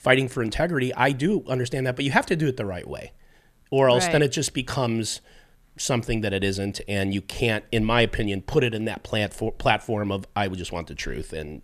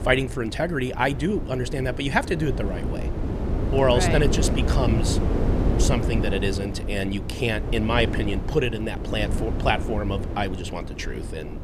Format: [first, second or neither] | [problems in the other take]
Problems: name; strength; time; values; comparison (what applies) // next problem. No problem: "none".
first | wind noise on the microphone; heavy; 8 dB below the speech